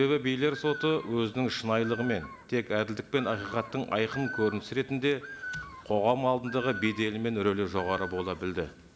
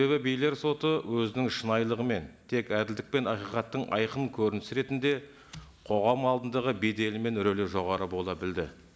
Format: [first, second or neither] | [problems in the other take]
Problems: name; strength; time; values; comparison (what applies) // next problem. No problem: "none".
second | background sound (Bird); 14 dB below the speech